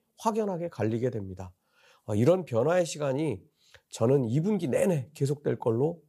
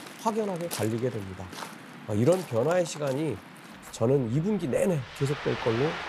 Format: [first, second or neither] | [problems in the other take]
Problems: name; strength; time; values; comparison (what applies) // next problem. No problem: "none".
first | rain or running water; noticeable; throughout; 10 dB below the speech